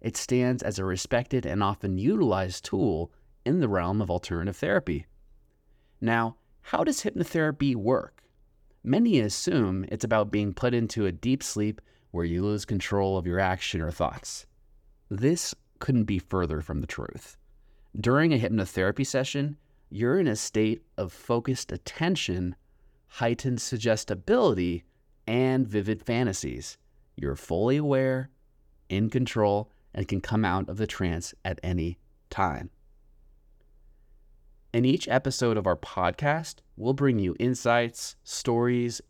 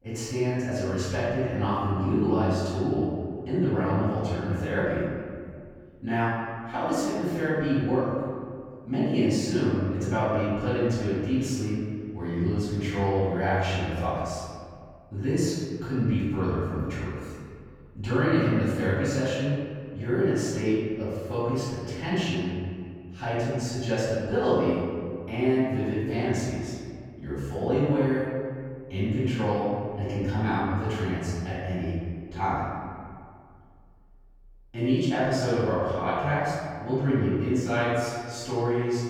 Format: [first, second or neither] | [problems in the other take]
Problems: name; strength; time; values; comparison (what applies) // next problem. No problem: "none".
first | room echo; strong; dies away in 1.9 s // off-mic speech; far